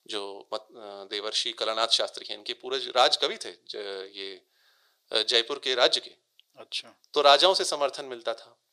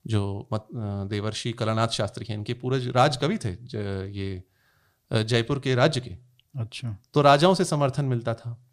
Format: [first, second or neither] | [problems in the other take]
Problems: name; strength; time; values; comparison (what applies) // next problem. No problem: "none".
second | thin; very; fading below 450 Hz